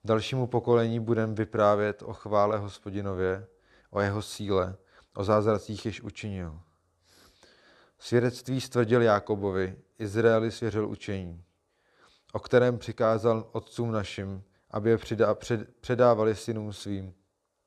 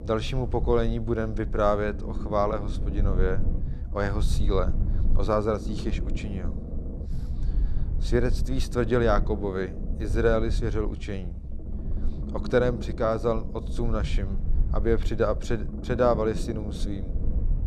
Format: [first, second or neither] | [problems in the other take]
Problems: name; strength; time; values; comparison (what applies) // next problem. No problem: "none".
first | low rumble; noticeable; throughout; 15 dB below the speech